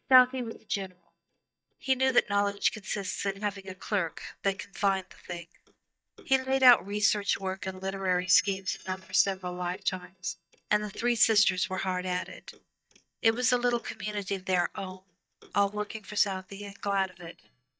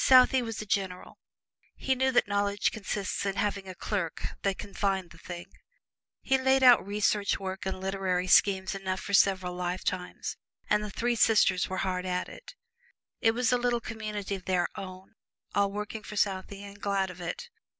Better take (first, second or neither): second